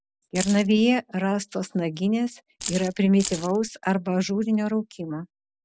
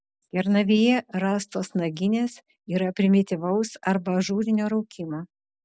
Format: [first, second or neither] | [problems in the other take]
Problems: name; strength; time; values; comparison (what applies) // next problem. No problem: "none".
second | background sound (Keys jangling); 10 dB below the speech